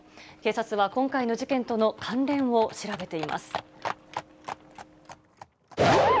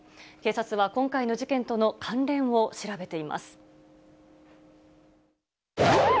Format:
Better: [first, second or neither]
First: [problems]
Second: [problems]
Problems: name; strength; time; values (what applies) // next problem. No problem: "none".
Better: second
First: background sound (Livestock, farm animals, working animals); 14 dB below the speech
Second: none